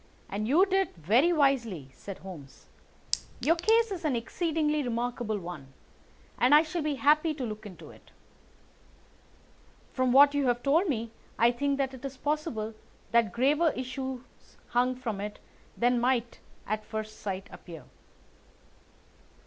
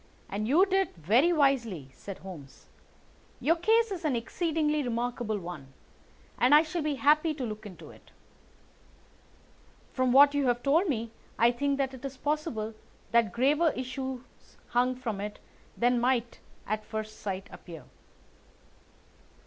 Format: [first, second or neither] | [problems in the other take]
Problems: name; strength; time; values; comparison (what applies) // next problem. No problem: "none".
second | background sound (Chink, clink); 9 dB below the speech